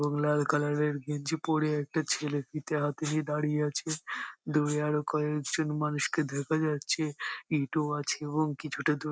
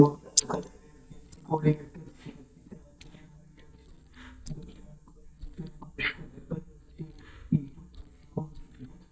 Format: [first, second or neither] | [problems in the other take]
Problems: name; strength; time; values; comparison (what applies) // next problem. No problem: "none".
first | noise reduction (neural mask model DeepFilterNet 3)